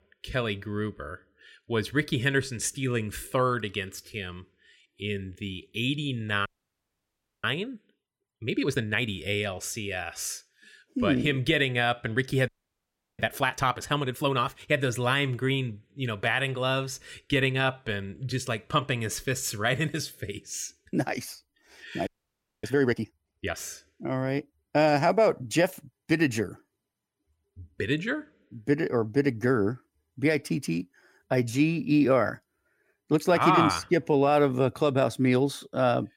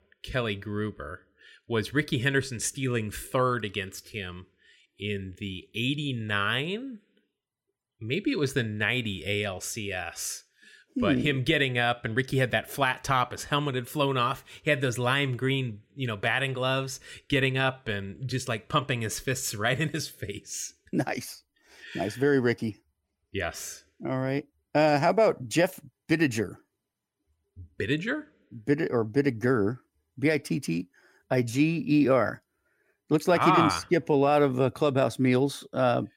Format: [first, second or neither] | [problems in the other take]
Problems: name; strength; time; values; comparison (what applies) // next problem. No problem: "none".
second | audio freezing; at 6.5 s for 1 s, at 12 s for 0.5 s and at 22 s for 0.5 s